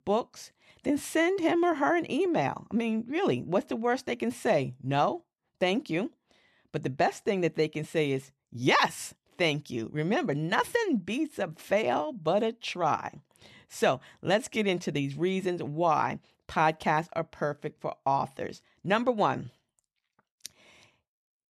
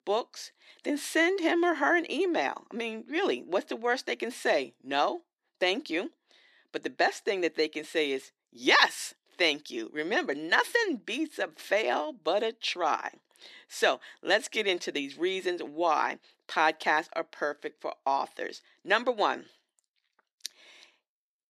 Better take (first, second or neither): first